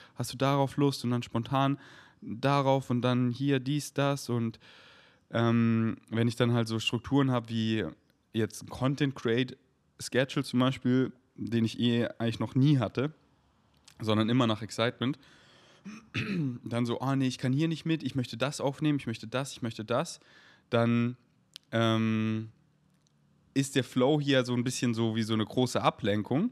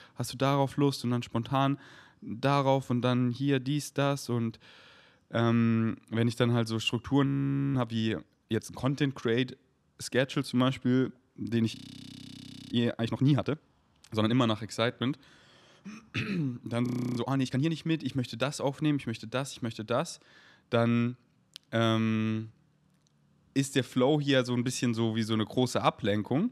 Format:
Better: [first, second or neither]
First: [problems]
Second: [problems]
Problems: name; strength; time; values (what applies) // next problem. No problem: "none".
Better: first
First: none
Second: audio freezing; at 7.5 s, at 12 s for 1 s and at 17 s